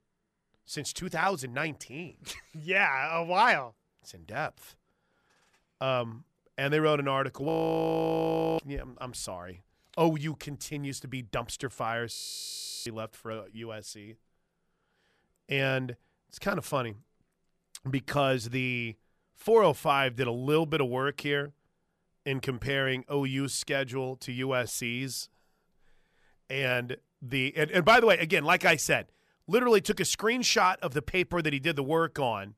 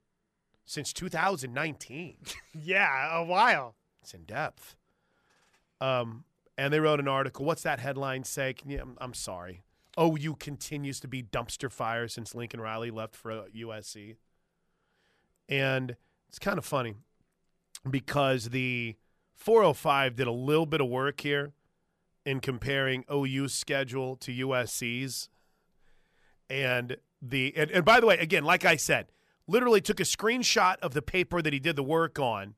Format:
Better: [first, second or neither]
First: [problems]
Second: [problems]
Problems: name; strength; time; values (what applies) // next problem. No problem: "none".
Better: second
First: audio freezing; at 7.5 s for 1 s and at 12 s for 0.5 s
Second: none